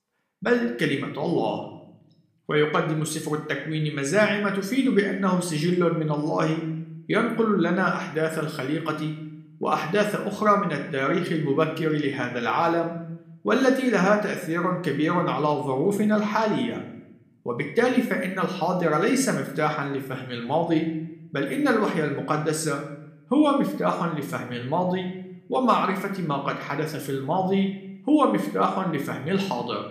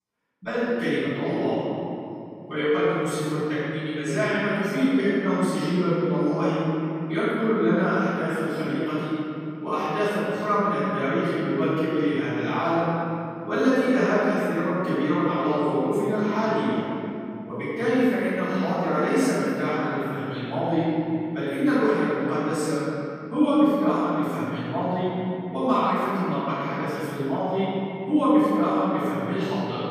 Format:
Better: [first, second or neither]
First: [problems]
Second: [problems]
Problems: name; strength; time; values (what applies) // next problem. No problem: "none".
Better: first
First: room echo; slight; dies away in 0.7 s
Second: room echo; strong; dies away in 2.9 s // off-mic speech; far